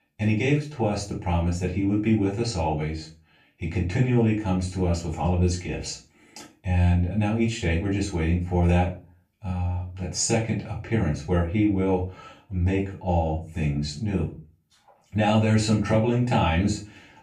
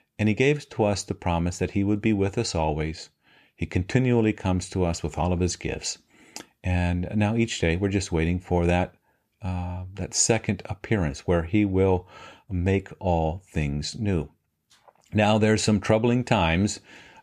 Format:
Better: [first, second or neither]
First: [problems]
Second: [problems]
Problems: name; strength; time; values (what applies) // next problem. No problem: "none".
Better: second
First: off-mic speech; far // room echo; slight; dies away in 0.3 s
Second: none